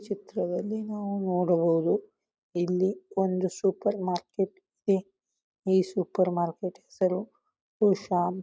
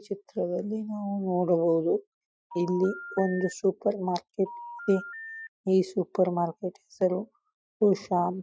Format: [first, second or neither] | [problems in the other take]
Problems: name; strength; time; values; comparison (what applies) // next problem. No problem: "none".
first | noise reduction (classical method Wiener filter)